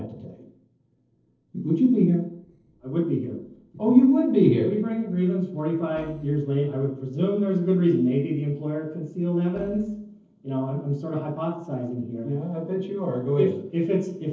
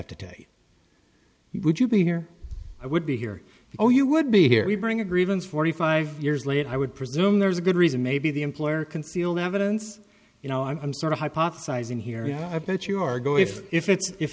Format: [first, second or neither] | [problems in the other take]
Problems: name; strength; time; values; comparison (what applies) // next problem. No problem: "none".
second | noise reduction (neural separator model SepFormer DNS4)